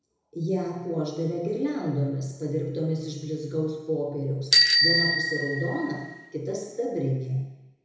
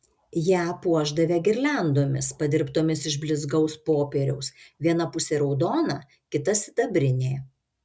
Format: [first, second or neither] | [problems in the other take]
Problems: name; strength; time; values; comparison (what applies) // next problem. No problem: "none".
second | background sound (Bicycle bell); 4 dB above the speech // room echo; dies away in 1 s